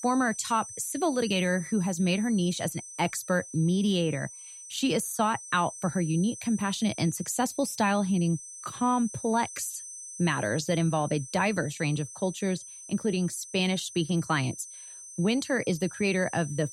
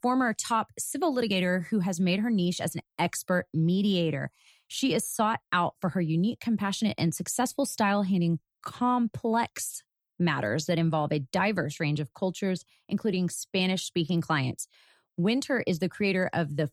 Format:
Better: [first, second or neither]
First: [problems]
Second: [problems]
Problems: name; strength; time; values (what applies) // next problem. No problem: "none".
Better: second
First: high-pitched whine; noticeable; throughout; 6 kHz, 10 dB below the speech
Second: none